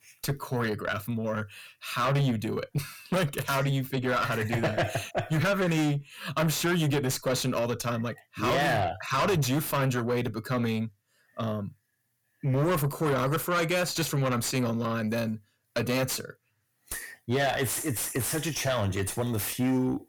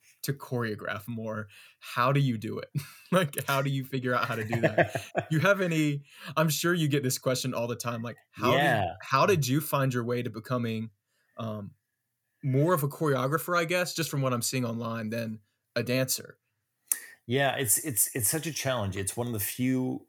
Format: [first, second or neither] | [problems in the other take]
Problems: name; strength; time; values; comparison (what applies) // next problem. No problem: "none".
second | distortion; heavy; 6 dB below the speech